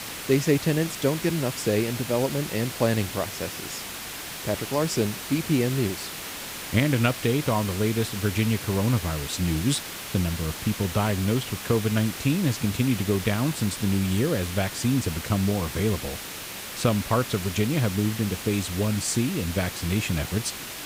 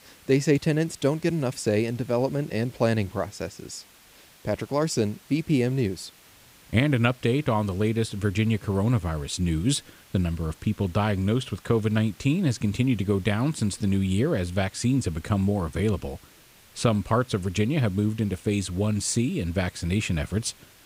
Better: second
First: hiss; loud; throughout; 8 dB below the speech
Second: hiss; faint; throughout; 25 dB below the speech

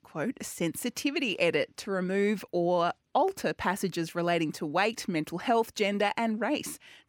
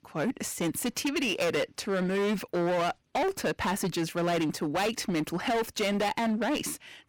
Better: first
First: none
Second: distortion; heavy; 20% of the sound clipped

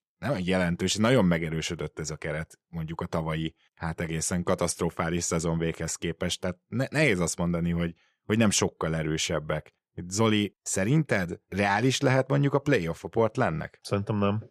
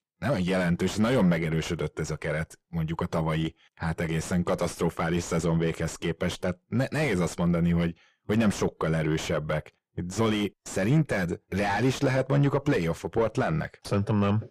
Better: first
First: none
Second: distortion; heavy; 7 dB below the speech

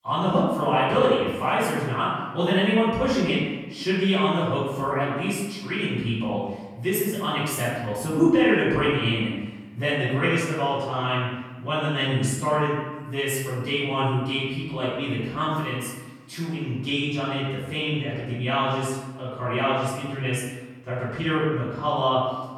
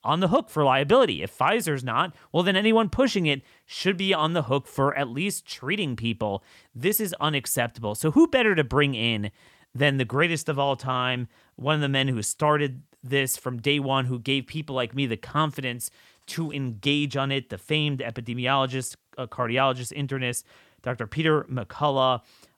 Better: second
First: room echo; strong; dies away in 1.1 s // off-mic speech; far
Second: none

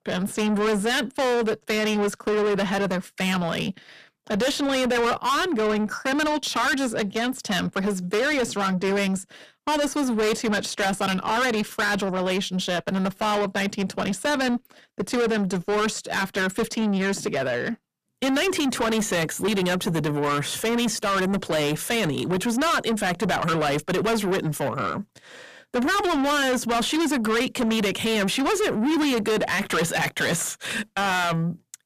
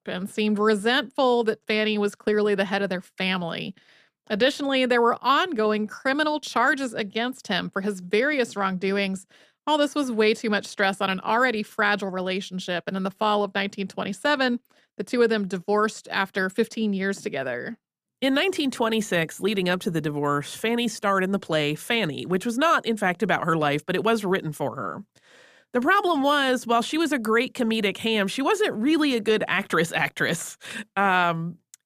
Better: second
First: distortion; heavy; 6 dB below the speech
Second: none

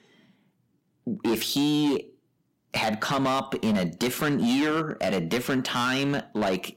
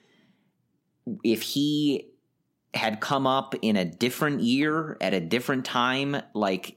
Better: second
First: distortion; heavy; 12% of the sound clipped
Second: none

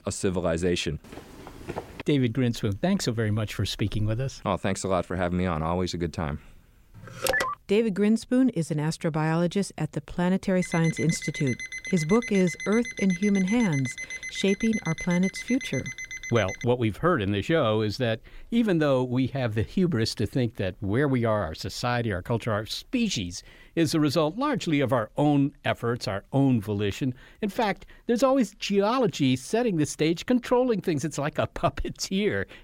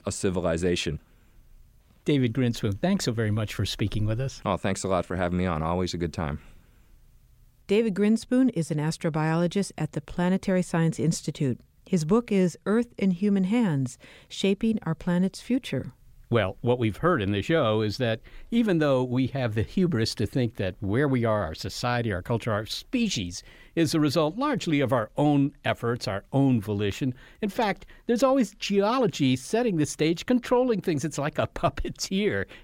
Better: second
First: footsteps; faint; at 1 s; peak 10 dB below the speech // phone ringing; loud; at 7 s; peak 1 dB above the speech // alarm; noticeable; from 11 to 17 s; peak 8 dB below the speech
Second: none

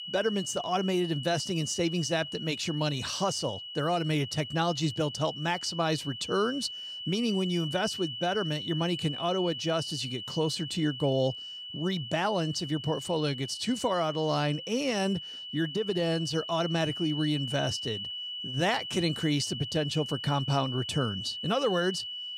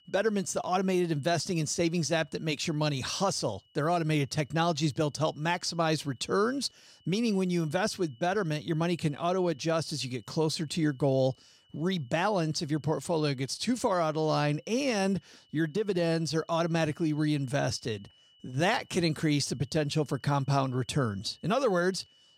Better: second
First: high-pitched whine; loud; throughout; 3 kHz, 7 dB below the speech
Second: high-pitched whine; faint; throughout; 3 kHz, 30 dB below the speech

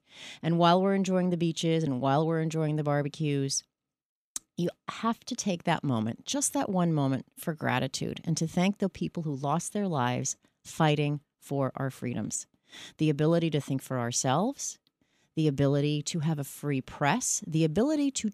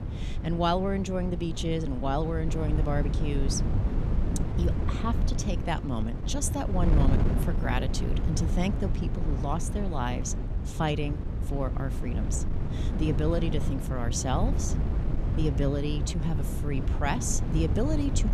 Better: first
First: none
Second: wind noise on the microphone; heavy; 7 dB below the speech

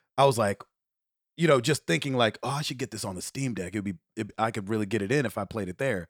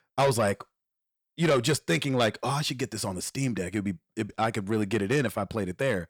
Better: first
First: none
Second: distortion; slight; 10 dB below the speech

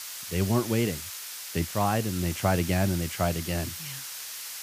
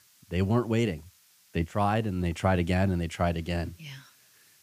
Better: second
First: hiss; loud; throughout; 7 dB below the speech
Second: hiss; faint; throughout; 30 dB below the speech

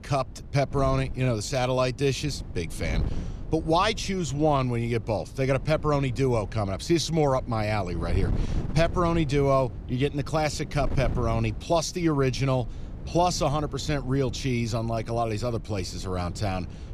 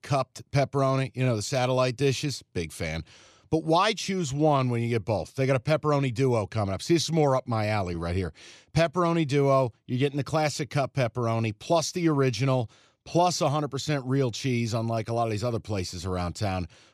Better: second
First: wind noise on the microphone; occasional gusts; 20 dB below the speech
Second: none

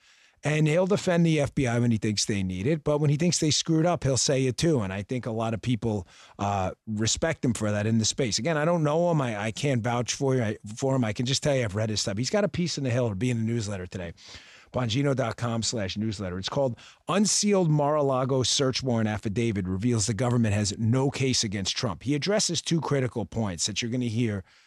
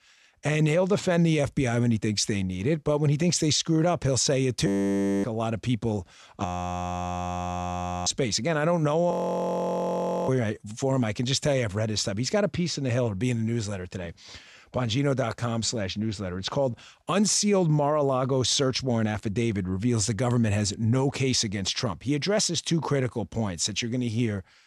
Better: first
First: none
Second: audio freezing; at 4.5 s for 0.5 s, at 6.5 s for 1.5 s and at 9 s for 1 s

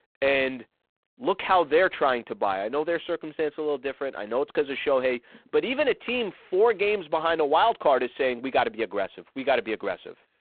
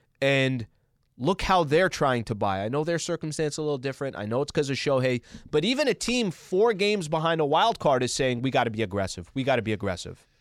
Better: second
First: phone-call audio; poor line; nothing above 3.5 kHz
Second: none

